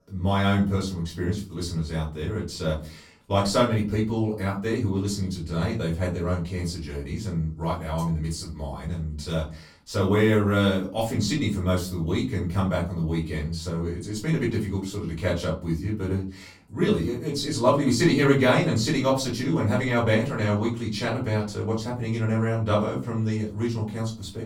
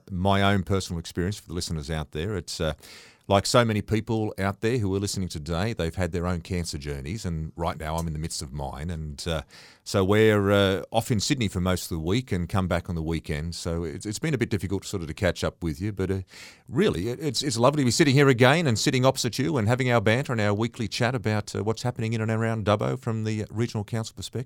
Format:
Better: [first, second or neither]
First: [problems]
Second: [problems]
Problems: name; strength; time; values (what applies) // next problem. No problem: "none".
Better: second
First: room echo; slight; dies away in 0.3 s // off-mic speech; far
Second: none